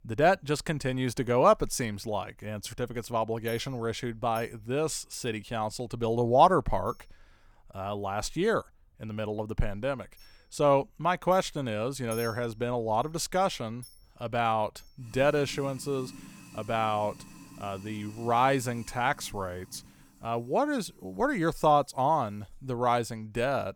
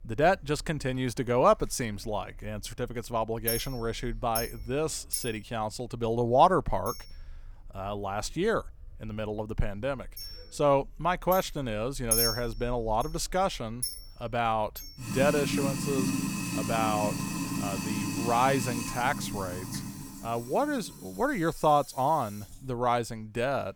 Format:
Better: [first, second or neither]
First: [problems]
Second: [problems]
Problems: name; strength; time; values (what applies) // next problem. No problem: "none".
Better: first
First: household noises; faint; throughout; 20 dB below the speech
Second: household noises; loud; throughout; 4 dB below the speech